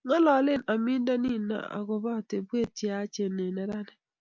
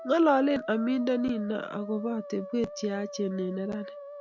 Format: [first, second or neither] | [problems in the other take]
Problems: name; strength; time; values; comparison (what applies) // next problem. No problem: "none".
first | background sound (Musical instrument); 14 dB below the speech